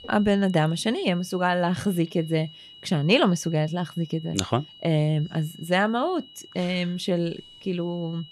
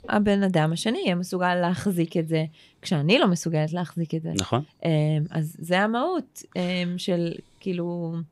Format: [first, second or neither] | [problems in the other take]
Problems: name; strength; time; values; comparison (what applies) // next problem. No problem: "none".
second | high-pitched whine; noticeable; throughout; 3 kHz, 20 dB below the speech